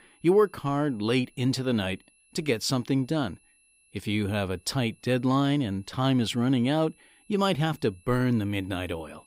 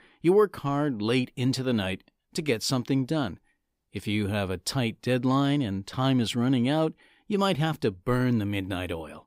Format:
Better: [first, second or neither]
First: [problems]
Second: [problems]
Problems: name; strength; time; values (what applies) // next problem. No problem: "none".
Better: second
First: high-pitched whine; faint; throughout; 2.5 kHz, 35 dB below the speech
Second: none